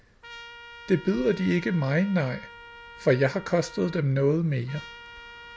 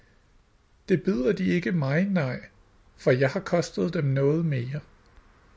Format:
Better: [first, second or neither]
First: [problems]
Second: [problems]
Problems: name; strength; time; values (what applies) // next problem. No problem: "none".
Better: second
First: background sound (Trumpet); 19 dB below the speech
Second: none